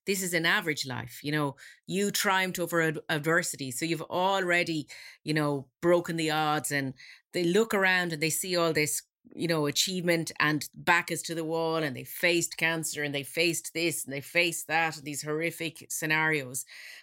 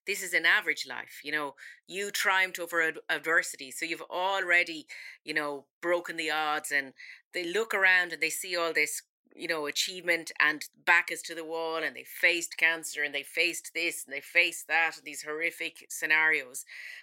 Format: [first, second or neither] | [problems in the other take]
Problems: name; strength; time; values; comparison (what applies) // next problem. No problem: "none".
first | thin; very; fading below 450 Hz